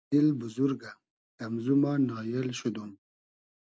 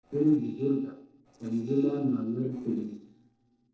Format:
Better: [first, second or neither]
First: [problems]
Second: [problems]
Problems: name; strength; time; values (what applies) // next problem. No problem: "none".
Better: first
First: none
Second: noise reduction (neural separator model SepFormer DNS4)